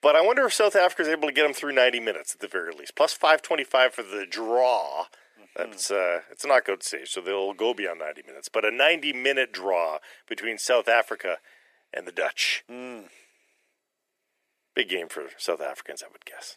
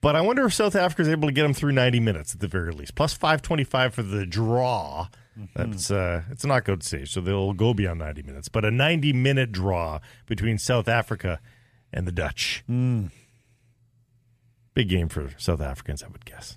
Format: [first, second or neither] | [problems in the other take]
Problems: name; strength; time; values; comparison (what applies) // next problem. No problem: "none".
second | thin; very; fading below 350 Hz